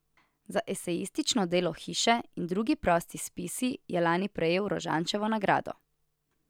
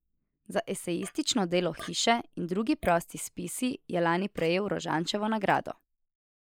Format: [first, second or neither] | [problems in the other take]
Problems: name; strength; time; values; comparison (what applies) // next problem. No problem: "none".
first | noise reduction (neural mask model Resemble Enhance denoiser)